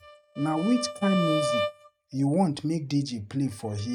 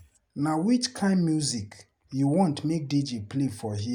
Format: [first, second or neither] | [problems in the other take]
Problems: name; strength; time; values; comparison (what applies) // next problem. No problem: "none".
second | noise reduction (neural mask model RNNoise)